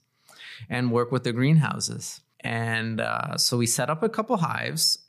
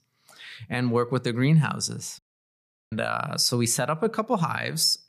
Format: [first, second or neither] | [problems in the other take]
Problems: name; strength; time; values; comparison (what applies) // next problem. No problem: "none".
first | audio cutting out; at 2 s for 0.5 s